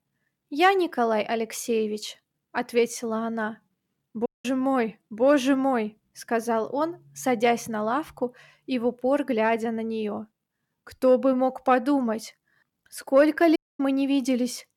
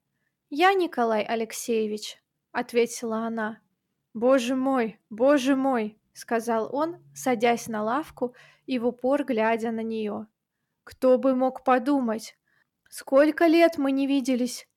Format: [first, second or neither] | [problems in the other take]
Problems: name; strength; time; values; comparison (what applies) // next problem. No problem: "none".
second | audio cutting out; at 4.5 s and at 14 s